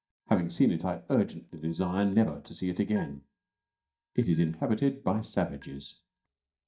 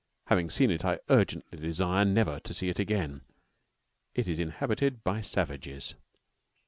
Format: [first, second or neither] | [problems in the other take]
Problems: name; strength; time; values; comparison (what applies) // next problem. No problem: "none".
second | noise reduction (neural mask model DeepFilterNet 3)